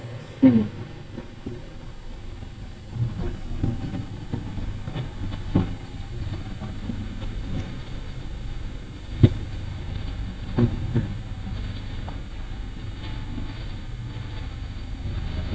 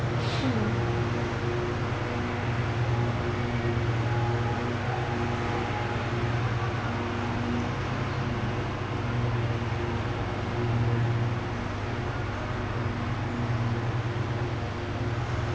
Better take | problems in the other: second | noise reduction (neural mask model DeepFilterNet 3)

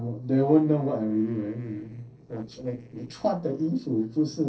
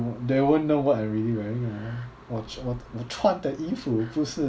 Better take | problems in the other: second | noise reduction (neural separator model SepFormer DNS4)

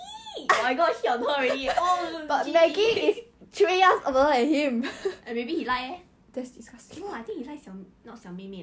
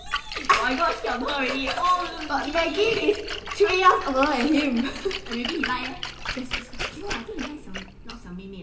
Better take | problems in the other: first | background sound (Splash, splatter); 9 dB below the speech // room echo; dies away in 1.8 s

